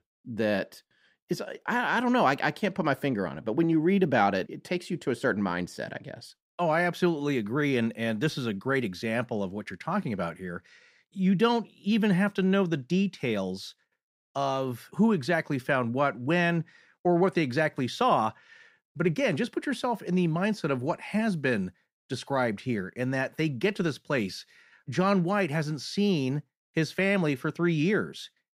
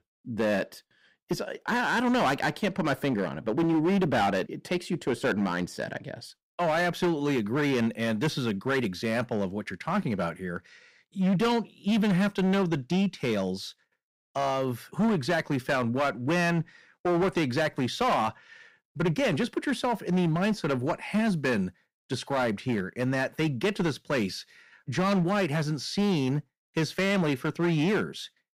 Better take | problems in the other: first | distortion; slight; 11% of the sound clipped

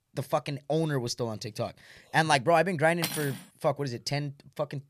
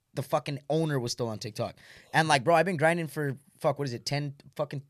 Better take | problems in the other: second | clattering dishes; noticeable; at 3 s; peak 4 dB below the speech

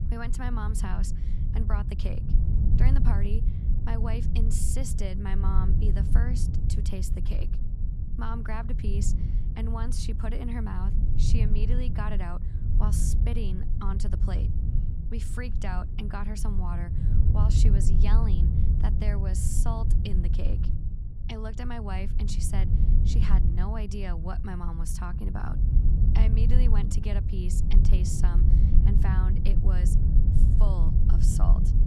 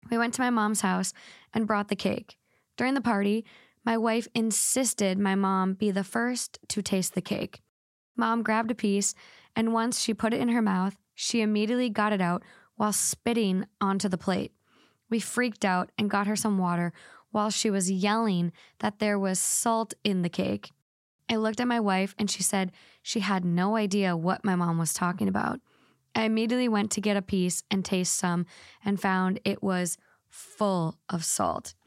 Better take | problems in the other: second | wind noise on the microphone; heavy; 3 dB below the speech

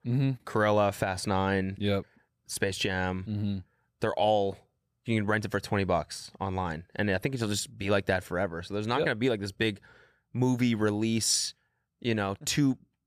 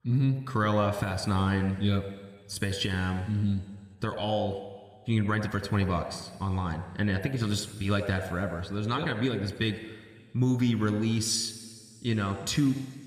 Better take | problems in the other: first | room echo; slight; dies away in 2 s

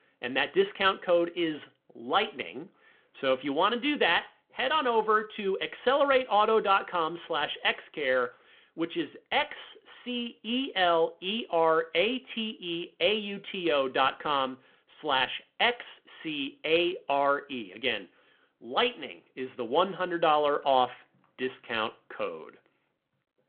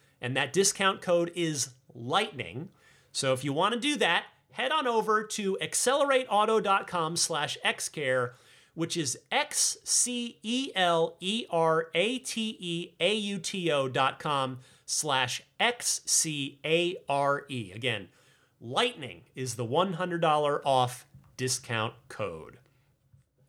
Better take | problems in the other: second | phone-call audio

